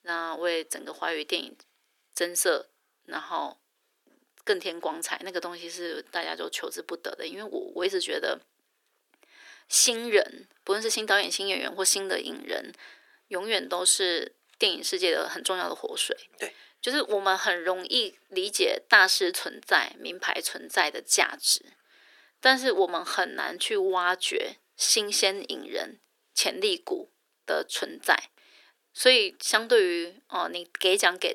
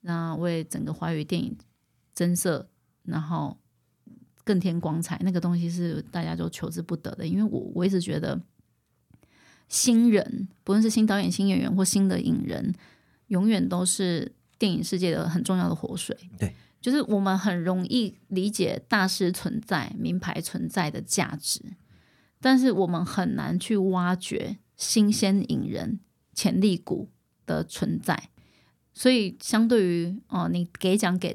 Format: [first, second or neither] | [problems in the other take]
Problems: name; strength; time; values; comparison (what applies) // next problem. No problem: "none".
second | thin; very; fading below 350 Hz